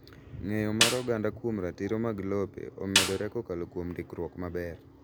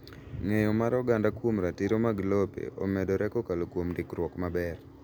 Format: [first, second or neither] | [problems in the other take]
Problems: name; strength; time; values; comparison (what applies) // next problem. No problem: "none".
second | background sound (Snare drum); as loud as the speech